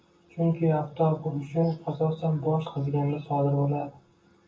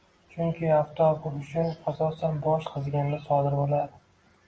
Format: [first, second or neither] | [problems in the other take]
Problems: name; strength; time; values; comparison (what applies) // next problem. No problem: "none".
second | room echo; dies away in 0.2 s